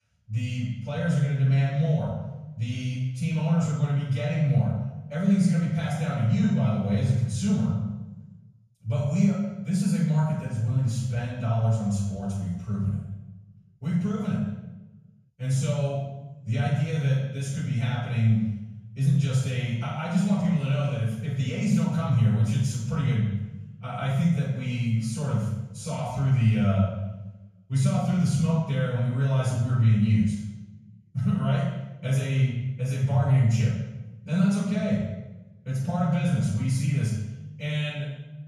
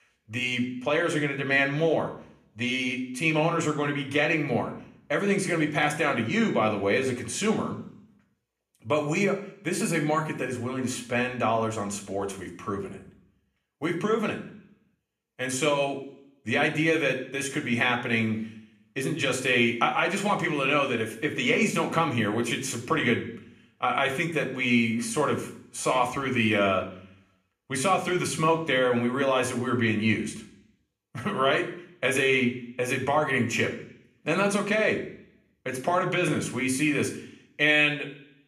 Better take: second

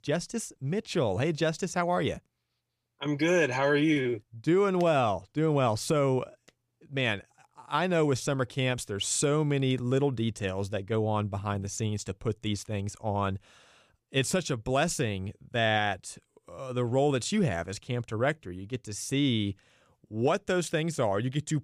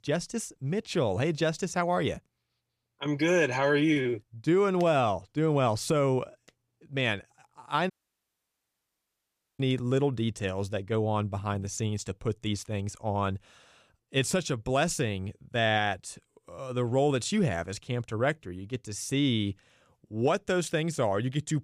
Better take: first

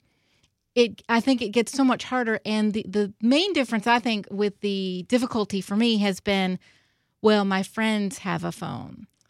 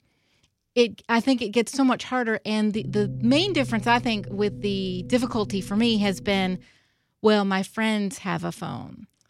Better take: first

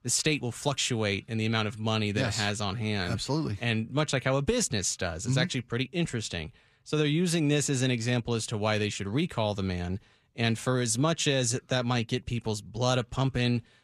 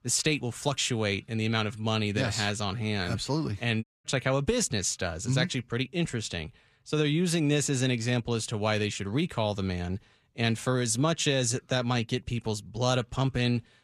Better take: first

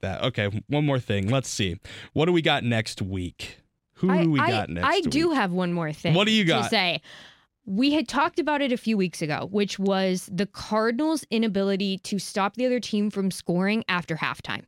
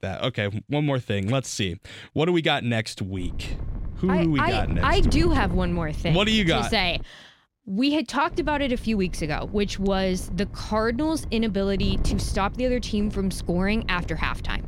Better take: first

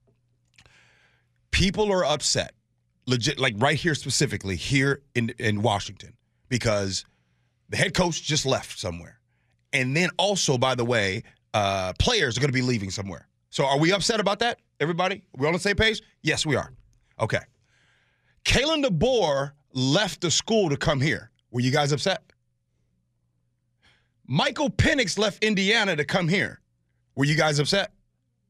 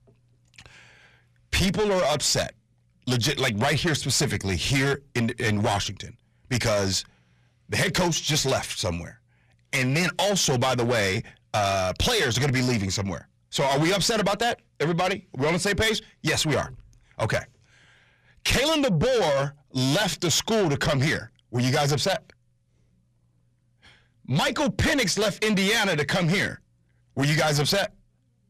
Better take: first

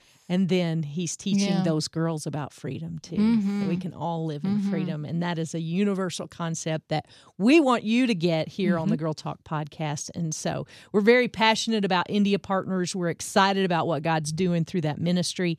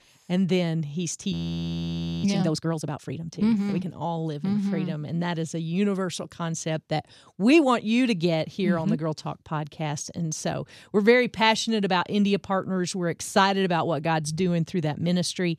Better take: first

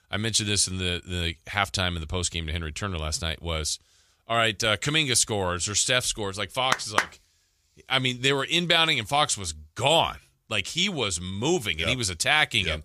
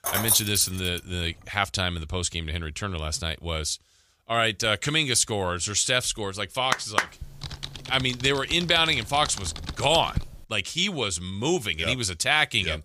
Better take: first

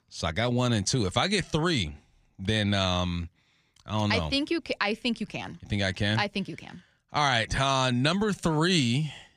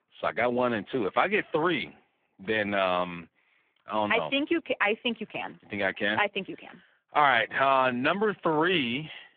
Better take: first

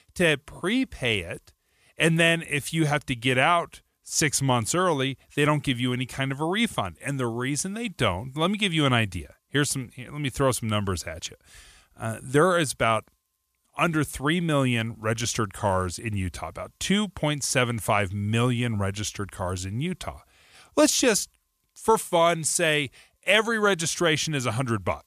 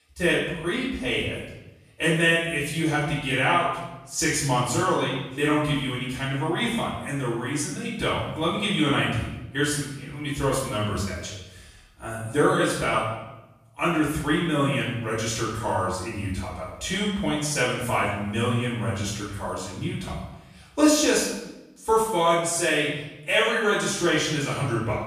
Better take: first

